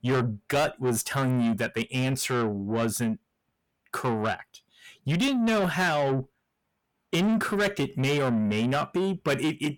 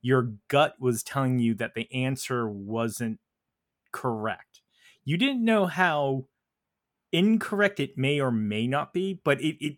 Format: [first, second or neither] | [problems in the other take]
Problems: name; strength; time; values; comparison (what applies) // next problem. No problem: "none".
second | distortion; heavy; 7 dB below the speech